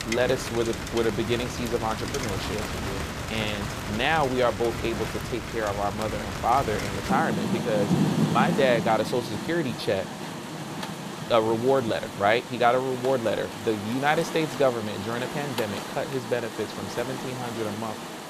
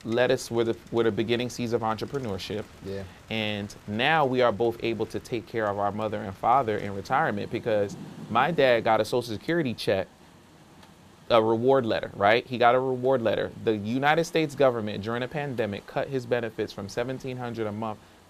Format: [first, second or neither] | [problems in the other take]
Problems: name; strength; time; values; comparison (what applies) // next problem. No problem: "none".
second | rain or running water; loud; throughout; 5 dB below the speech; faint in the second